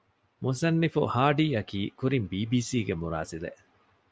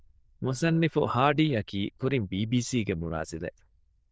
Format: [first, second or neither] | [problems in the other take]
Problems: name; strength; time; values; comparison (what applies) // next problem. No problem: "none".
first | noise reduction (neural diffusion model UNIVERSE++)